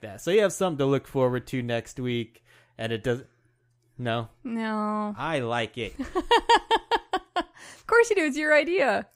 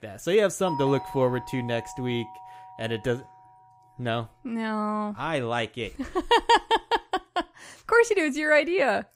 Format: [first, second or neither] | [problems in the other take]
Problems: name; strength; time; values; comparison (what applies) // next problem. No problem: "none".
first | doorbell; noticeable; from 0.5 to 3 s; peak 7 dB below the speech